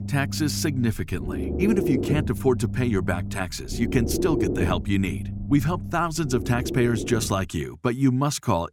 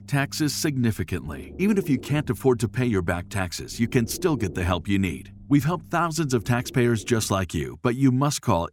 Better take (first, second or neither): second